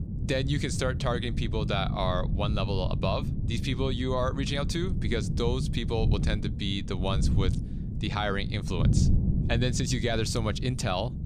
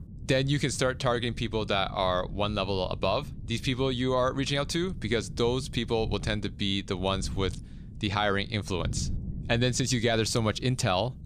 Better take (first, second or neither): second